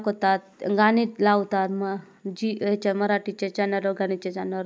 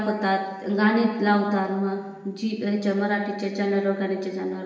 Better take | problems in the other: first | room echo; dies away in 1 s

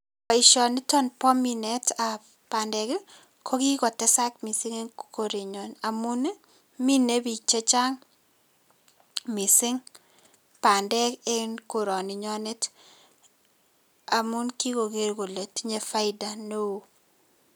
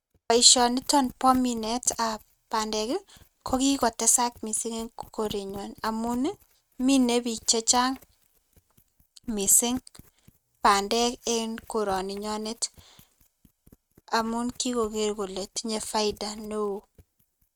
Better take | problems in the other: first | noise reduction (neural mask model RNNoise)

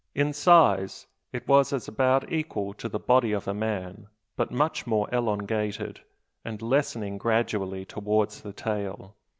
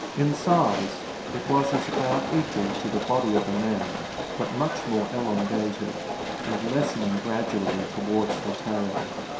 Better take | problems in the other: first | background sound (Train); 4 dB below the speech // room echo; dies away in 0.7 s

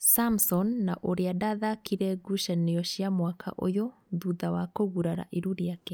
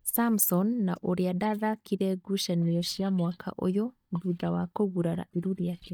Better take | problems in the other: first | noise reduction (neural mask model DeepFilterNet 3)

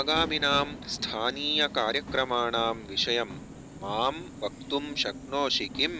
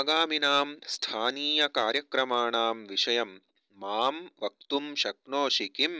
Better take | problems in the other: second | background sound (Subway, metro, underground); 12 dB below the speech

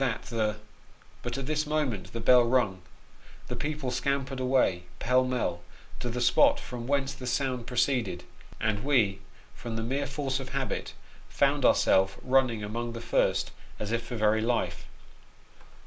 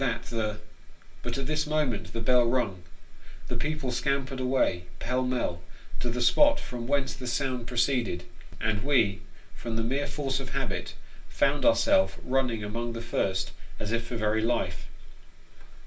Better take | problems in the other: first | room echo; dies away in 0.1 s

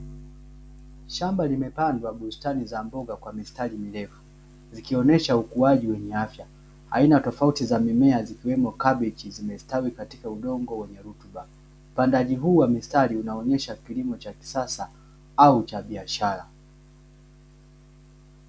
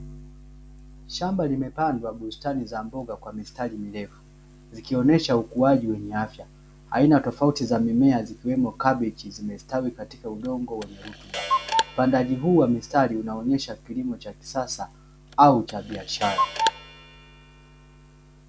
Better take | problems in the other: first | background sound (Clock); 6 dB below the speech

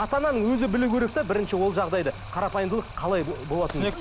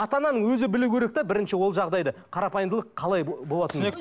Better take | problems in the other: second | background sound (Stream); 13 dB below the speech

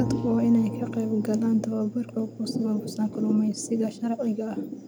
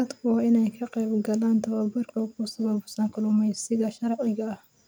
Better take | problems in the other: second | background sound (Thunder / Rain + Bowed string instrument); 7 dB below the speech

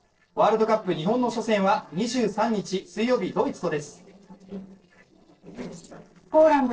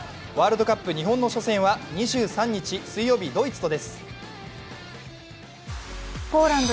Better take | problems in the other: second | noise reduction (neural separator model SepFormer DNS4)

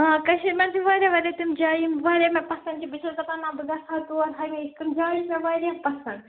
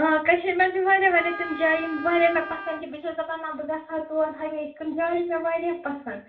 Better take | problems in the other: first | background sound (Wind instrument, woodwind instrument); 11 dB below the speech // room echo; dies away in 0.2 s

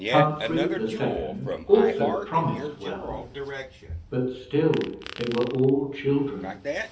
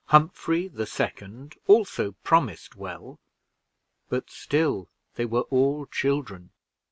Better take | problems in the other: second | background sound (Fart); 7 dB below the speech // room echo; dies away in 1.3 s

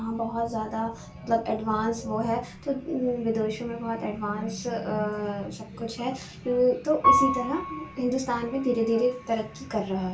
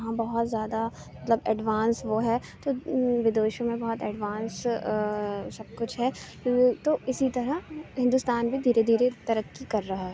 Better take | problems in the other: second | background sound (Piano); 6 dB below the speech // room echo; dies away in 0.3 s

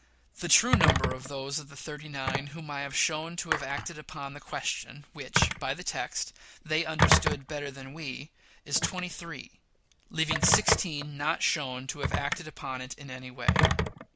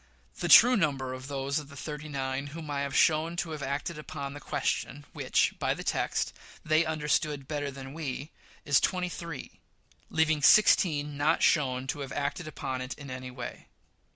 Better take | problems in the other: second | background sound (Telephone); 1 dB above the speech

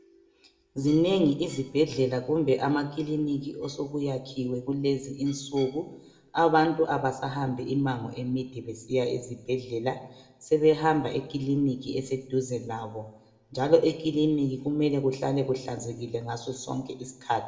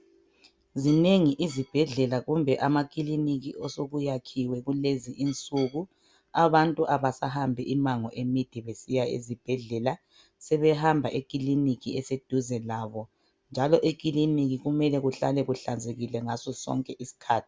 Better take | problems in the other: second | room echo; dies away in 0.7 s

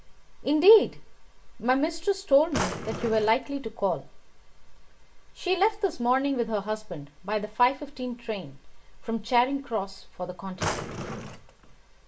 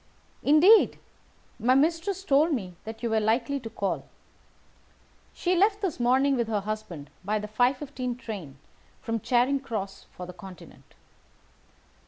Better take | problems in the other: second | background sound (Drawer open or close); 7 dB below the speech // room echo; dies away in 0.2 s

